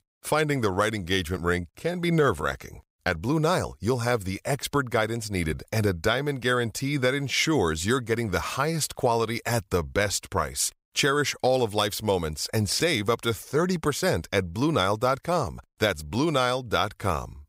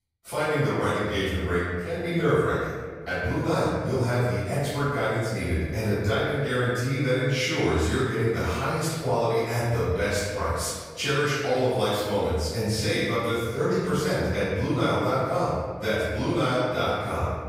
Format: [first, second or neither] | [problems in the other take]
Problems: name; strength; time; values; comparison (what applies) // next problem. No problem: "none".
first | off-mic speech; far // room echo; strong; dies away in 1.5 s